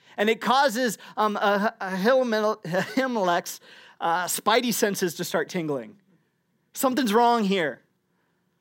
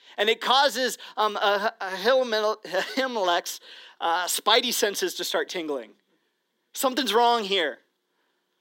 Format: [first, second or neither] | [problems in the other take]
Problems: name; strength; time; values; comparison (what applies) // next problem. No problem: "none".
first | thin; somewhat; fading below 300 Hz